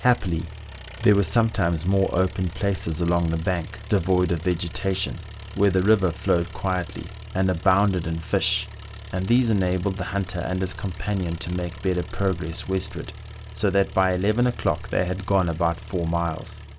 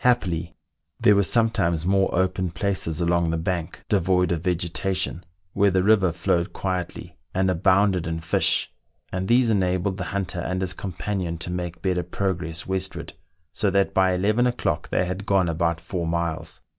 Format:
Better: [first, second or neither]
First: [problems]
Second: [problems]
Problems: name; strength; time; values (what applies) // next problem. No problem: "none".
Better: second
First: background sound (Engine); 14 dB below the speech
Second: none